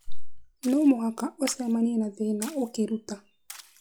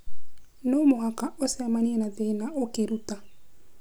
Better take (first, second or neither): second